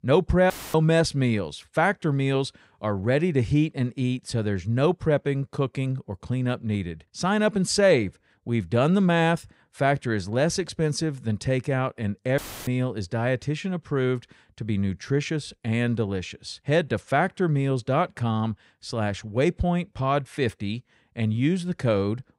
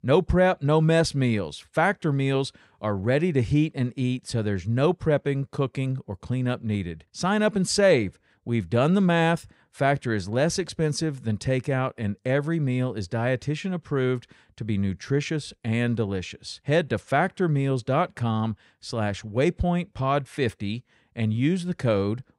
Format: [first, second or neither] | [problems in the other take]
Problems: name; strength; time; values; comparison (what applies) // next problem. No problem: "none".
second | audio cutting out; filled with static; at 0.5 s and at 12 s